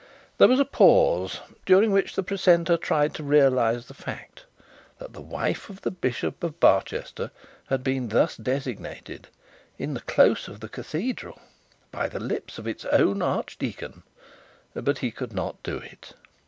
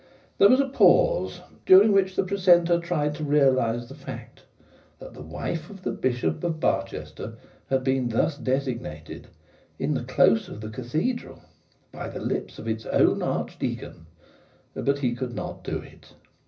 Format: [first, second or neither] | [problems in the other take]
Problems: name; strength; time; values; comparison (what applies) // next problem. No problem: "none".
first | room echo; dies away in 0.4 s